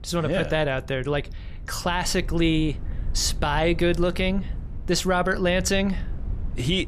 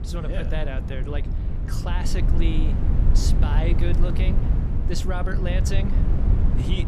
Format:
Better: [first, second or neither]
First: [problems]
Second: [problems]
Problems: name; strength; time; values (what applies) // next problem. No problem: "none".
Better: first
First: low rumble; faint; throughout; 25 dB below the speech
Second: low rumble; loud; throughout; 4 dB below the speech